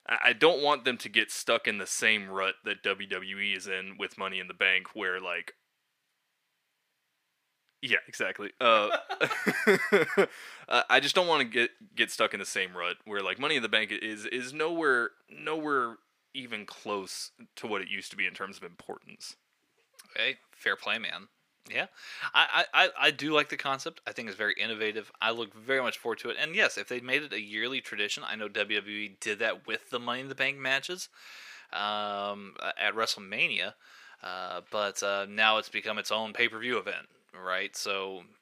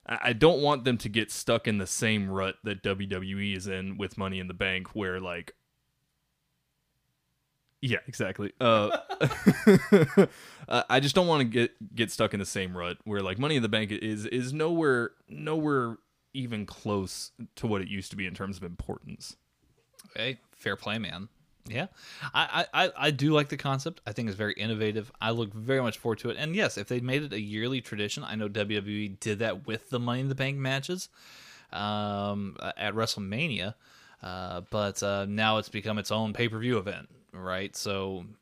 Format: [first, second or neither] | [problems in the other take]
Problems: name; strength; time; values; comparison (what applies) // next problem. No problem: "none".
second | thin; somewhat; fading below 350 Hz